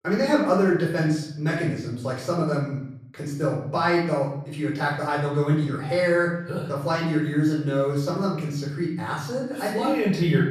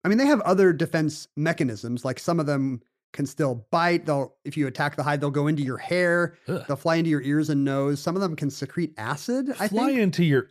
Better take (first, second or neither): second